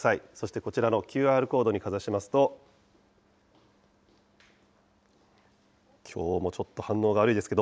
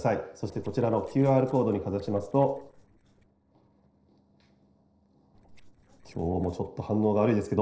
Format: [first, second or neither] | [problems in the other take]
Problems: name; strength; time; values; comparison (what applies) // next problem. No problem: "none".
first | noise reduction (neural separator model SepFormer DNS4)